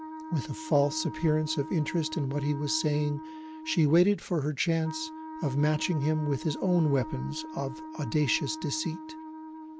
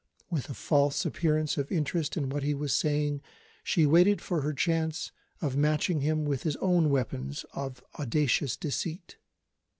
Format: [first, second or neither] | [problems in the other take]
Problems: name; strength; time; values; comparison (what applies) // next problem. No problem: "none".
second | background sound (Wind instrument, woodwind instrument); 12 dB below the speech